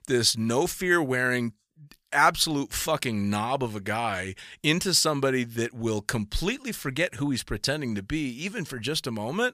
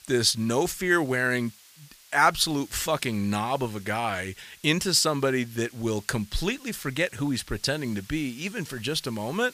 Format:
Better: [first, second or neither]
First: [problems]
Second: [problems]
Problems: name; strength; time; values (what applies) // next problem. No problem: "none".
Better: first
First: none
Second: hiss; faint; throughout; 25 dB below the speech